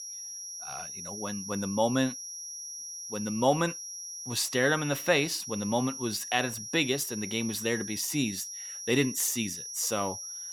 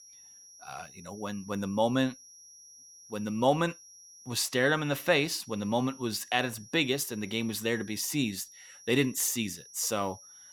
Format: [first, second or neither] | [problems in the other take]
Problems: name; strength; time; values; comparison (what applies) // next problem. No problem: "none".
second | high-pitched whine; loud; throughout; 6 kHz, 8 dB below the speech; faint in the second